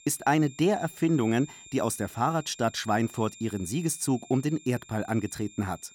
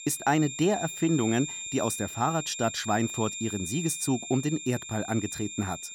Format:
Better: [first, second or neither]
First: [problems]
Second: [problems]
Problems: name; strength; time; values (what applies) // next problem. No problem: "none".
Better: first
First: high-pitched whine; faint; throughout; 7.5 kHz, 20 dB below the speech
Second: high-pitched whine; loud; throughout; 7.5 kHz, 7 dB below the speech